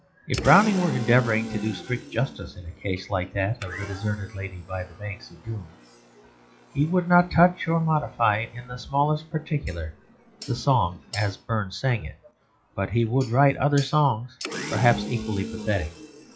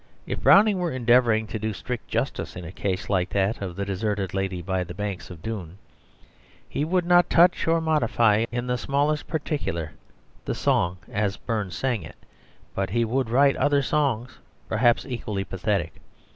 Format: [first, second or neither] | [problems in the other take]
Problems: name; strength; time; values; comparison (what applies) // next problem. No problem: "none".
second | noise reduction (classical method WPE with log-MMSE)